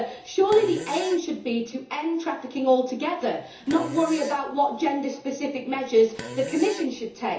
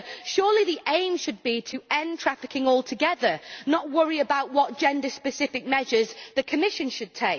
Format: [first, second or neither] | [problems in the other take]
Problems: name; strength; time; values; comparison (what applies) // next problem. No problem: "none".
second | background sound (Fart); 16 dB below the speech // room echo; dies away in 0.7 s